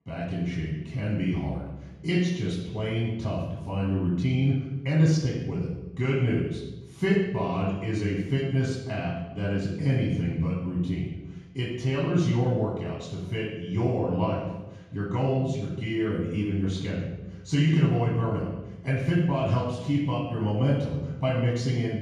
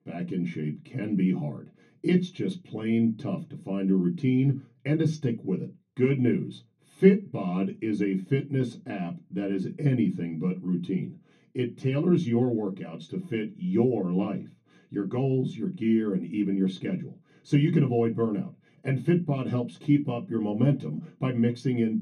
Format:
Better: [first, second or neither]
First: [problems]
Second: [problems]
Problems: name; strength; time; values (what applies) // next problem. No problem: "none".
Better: second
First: room echo; strong; dies away in 1.3 s // off-mic speech; far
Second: room echo; slight; dies away in 0.3 s // off-mic speech; far